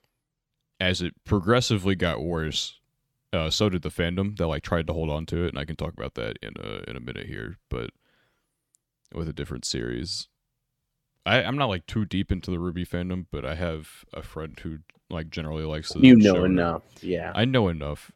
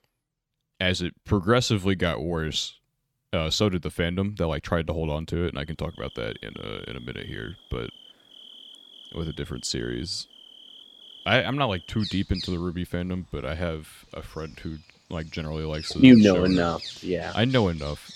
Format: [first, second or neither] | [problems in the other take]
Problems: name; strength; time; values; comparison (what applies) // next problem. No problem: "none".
first | animal sounds; noticeable; from 6 s on; 15 dB below the speech